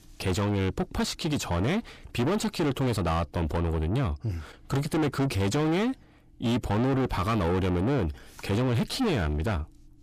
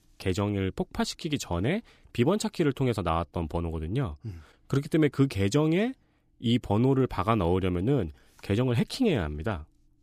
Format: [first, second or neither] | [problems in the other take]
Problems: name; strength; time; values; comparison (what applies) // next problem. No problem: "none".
second | distortion; heavy; 6 dB below the speech